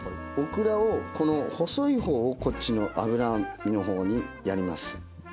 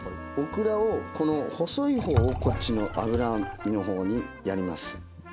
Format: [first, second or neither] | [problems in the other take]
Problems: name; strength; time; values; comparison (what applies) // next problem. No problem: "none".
first | background sound (Liquid); 3 dB below the speech